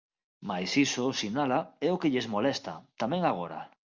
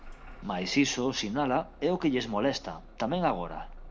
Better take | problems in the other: first | background sound (Engine starting / Bus); 17 dB below the speech

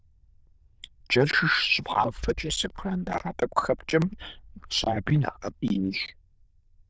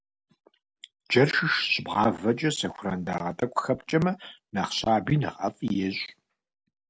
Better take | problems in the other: second | noise reduction (neural diffusion model UNIVERSE++)

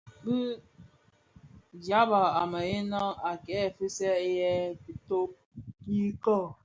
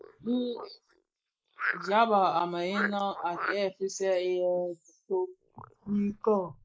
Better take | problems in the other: first | noise reduction (neural mask model Resemble Enhance denoiser)

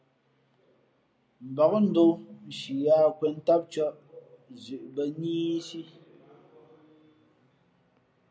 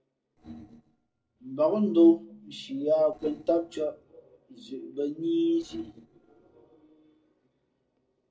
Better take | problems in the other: first | noise reduction (neural separator model SepFormer DNS4)

